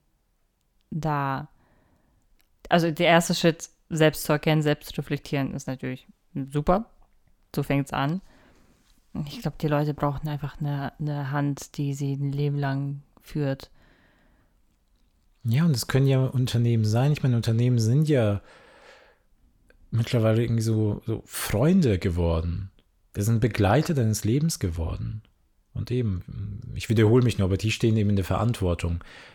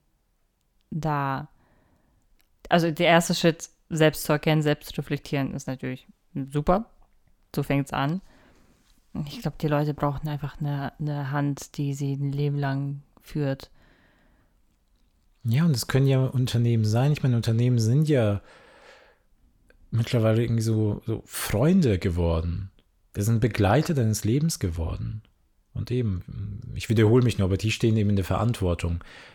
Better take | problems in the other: neither | none

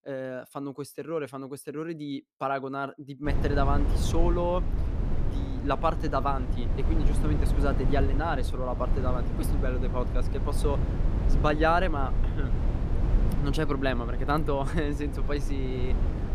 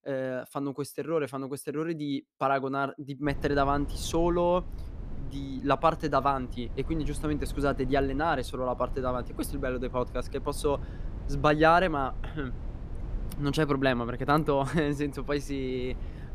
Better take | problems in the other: second | low rumble; loud; from 3.5 s on; 10 dB below the speech; faint in the second

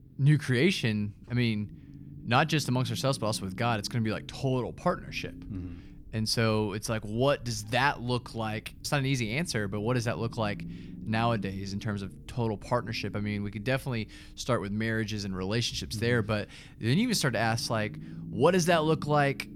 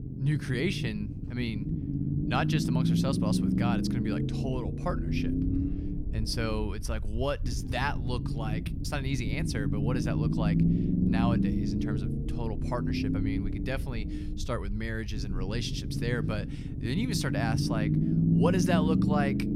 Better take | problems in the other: first | low rumble; loud; throughout; 2 dB below the speech; faint in the first

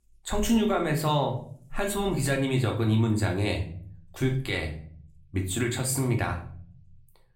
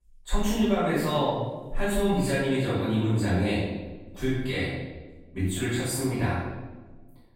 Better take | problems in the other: first | room echo; strong; dies away in 1.1 s; slight in the first // off-mic speech; far; somewhat distant in the first

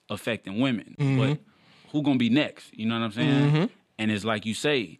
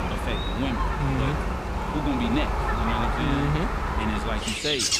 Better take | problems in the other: first | animal sounds; very loud; throughout; 2 dB above the speech

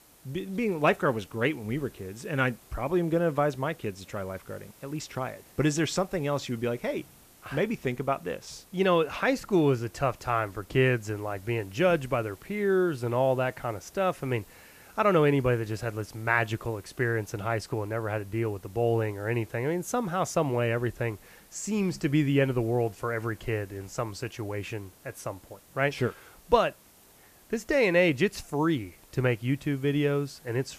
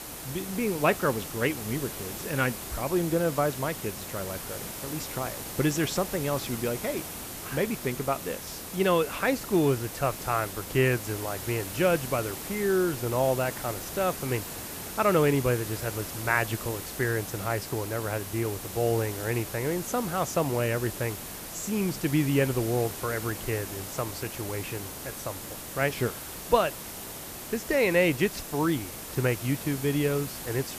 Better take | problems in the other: first | hiss; loud; throughout; 8 dB below the speech; faint in the first

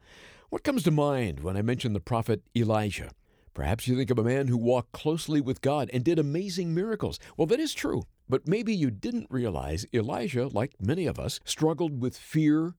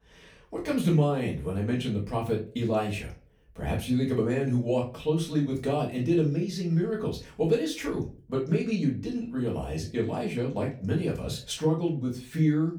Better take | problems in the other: first | off-mic speech; far // room echo; very slight; dies away in 0.3 s

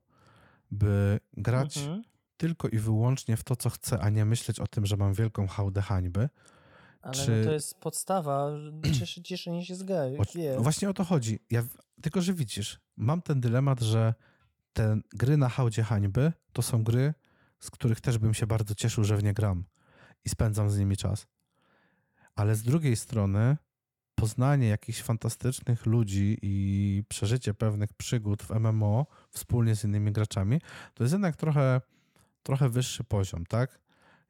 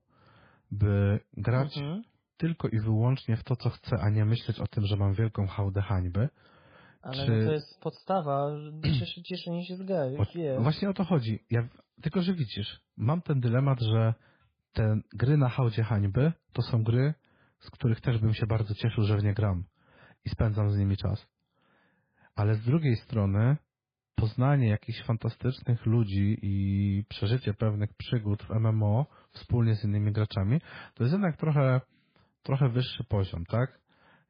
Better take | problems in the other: first | garbled, watery; badly; nothing above 5 kHz

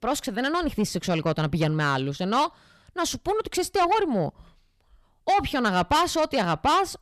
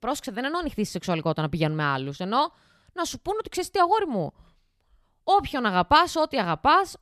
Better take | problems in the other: second | distortion; heavy; 8 dB below the speech

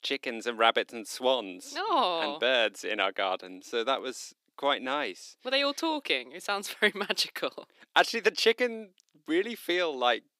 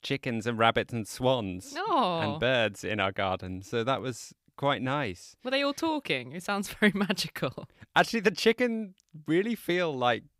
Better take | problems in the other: second | thin; somewhat; fading below 300 Hz

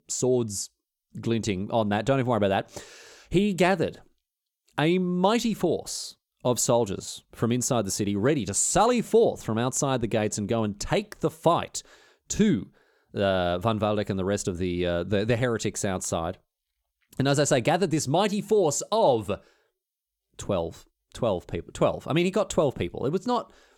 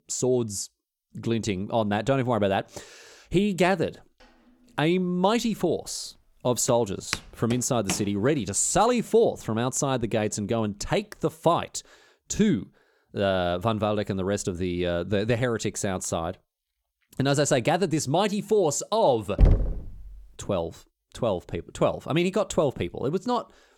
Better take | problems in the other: first | footsteps; noticeable; from 6.5 to 8 s; peak 7 dB below the speech // door banging; loud; at 19 s; peak 3 dB above the speech

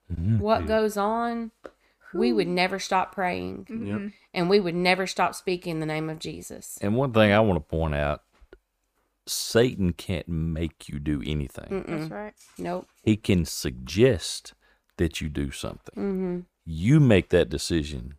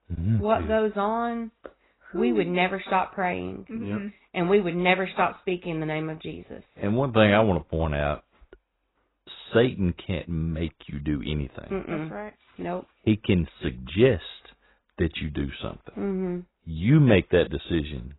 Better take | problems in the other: first | garbled, watery; badly; nothing above 4 kHz

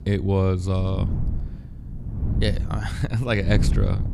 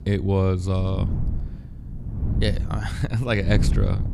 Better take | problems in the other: neither | wind noise on the microphone; occasional gusts; 10 dB below the speech; the same in both

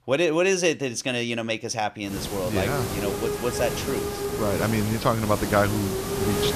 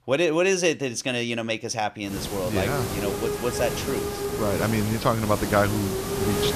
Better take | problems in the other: neither | hiss; loud; from 2 s on; 4 dB below the speech; the same in both

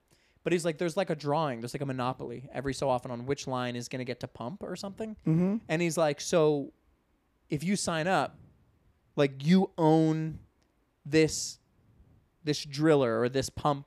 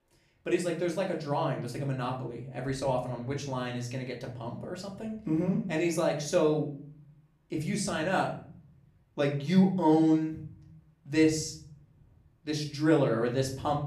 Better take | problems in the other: first | room echo; slight; dies away in 0.5 s // off-mic speech; far

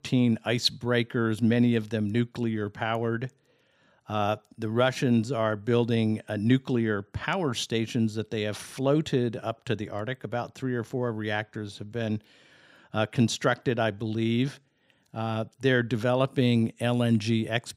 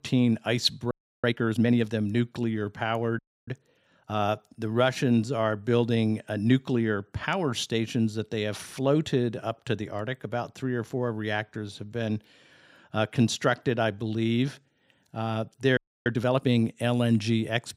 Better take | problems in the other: first | audio freezing; at 1 s, at 3 s and at 16 s

